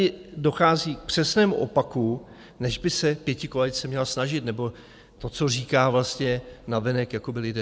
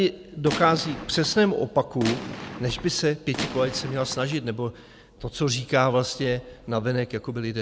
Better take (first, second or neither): first